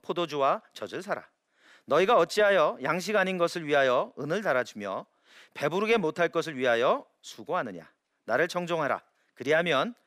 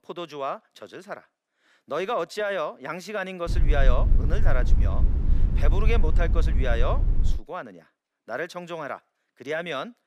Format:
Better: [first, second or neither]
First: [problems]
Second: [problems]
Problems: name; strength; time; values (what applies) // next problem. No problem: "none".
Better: first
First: none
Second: low rumble; noticeable; from 3.5 to 7.5 s; 10 dB below the speech